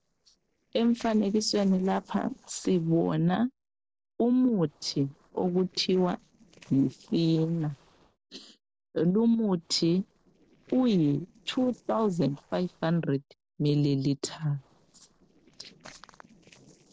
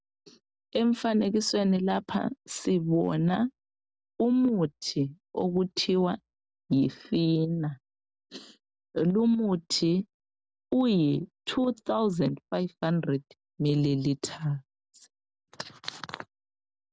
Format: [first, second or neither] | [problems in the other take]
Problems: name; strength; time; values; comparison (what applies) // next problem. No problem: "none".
second | noise reduction (neural separator model SepFormer DNS4)